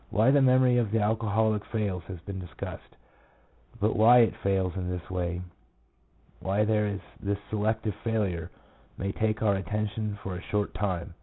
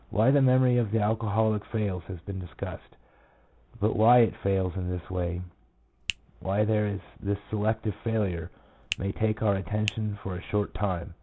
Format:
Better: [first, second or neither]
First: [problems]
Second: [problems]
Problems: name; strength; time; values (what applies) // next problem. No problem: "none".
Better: first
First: none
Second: background sound (Finger snapping); 13 dB below the speech